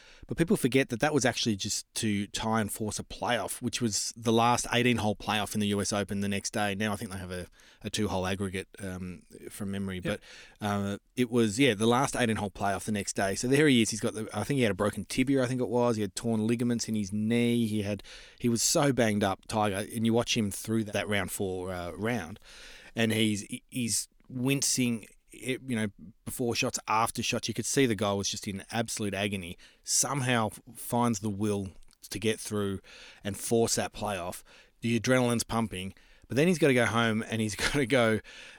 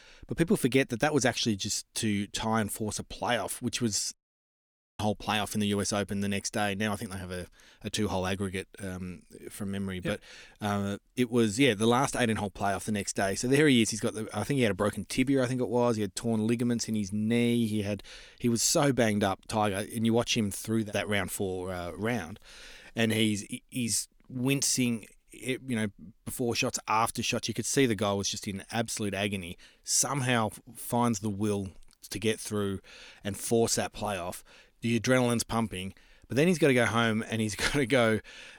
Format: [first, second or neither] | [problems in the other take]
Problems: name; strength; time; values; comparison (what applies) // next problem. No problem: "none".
first | audio cutting out; at 4 s for 1 s